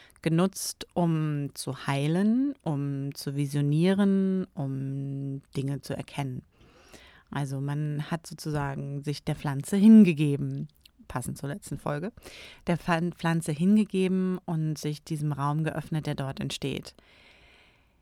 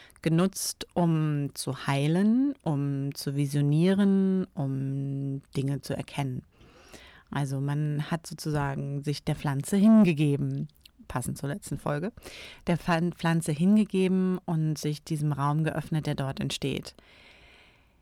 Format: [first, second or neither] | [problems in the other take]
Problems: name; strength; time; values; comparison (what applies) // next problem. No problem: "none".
first | distortion; slight; 10 dB below the speech